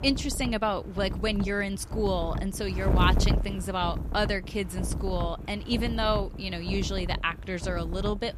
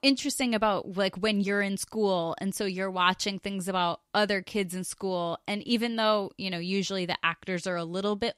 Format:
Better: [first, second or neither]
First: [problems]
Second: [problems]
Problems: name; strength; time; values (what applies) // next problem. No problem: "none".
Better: second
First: wind noise on the microphone; occasional gusts; 10 dB below the speech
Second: none